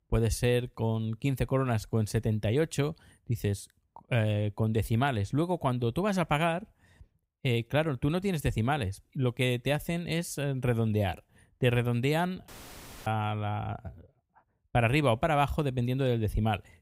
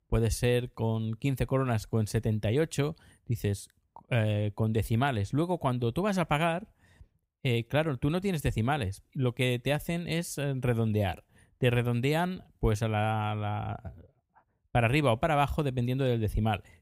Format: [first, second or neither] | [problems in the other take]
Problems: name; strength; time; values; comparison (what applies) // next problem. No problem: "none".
second | audio cutting out; filled with static; at 12 s for 0.5 s